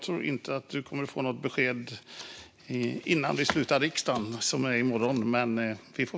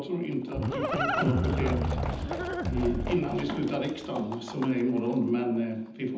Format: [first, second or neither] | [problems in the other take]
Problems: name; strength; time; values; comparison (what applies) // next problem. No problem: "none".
first | background sound (Livestock, farm animals, working animals); 2 dB below the speech // room echo; dies away in 0.8 s